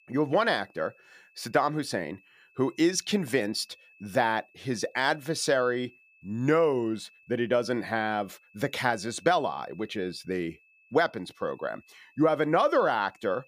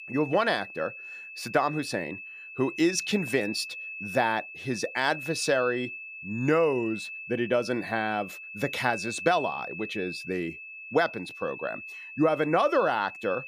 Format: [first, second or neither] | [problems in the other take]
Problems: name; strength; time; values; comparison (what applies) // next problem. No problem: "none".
first | high-pitched whine; loud; throughout; 2.5 kHz, 9 dB below the speech; faint in the first